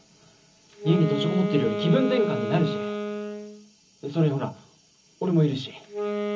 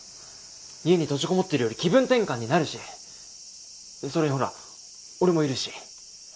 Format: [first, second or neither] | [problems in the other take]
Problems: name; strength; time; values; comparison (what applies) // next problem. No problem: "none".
second | background sound (Wind instrument, woodwind instrument); 5 dB below the speech // room echo; dies away in 0.4 s